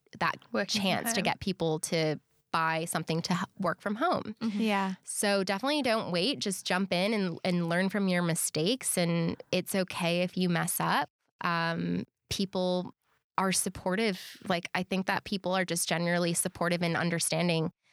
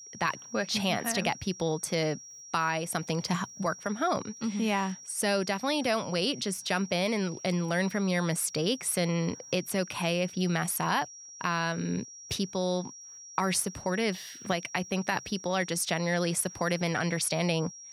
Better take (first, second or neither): first